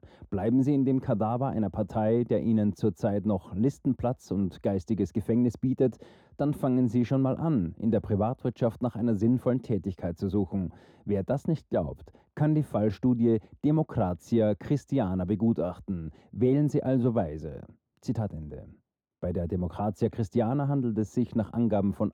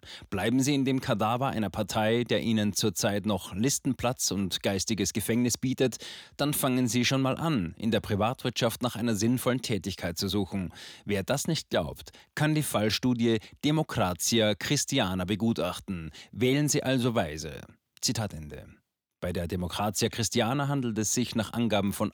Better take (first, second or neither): second